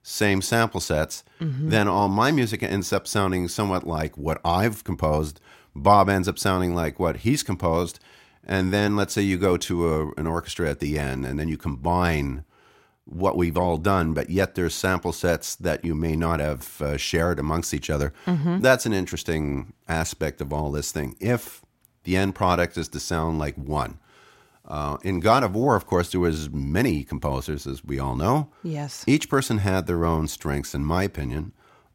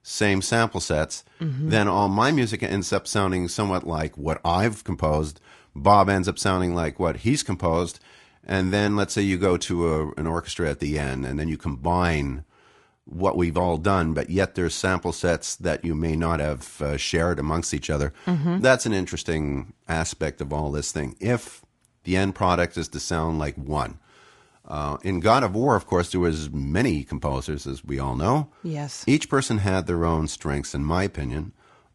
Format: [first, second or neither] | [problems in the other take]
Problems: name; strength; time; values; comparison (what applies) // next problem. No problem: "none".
first | garbled, watery; slightly; nothing above 10.5 kHz